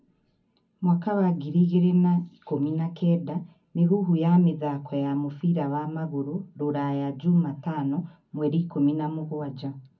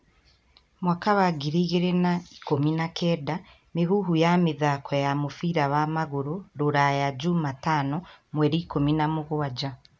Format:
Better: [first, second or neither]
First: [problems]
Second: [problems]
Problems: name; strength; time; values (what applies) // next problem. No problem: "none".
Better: second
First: room echo; dies away in 0.4 s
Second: none